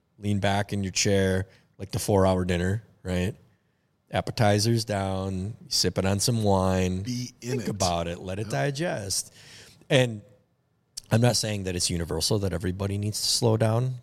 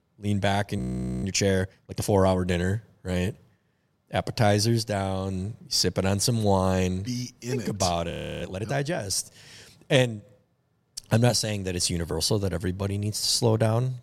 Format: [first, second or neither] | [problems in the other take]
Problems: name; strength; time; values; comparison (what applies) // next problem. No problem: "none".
first | audio freezing; at 1 s and at 8 s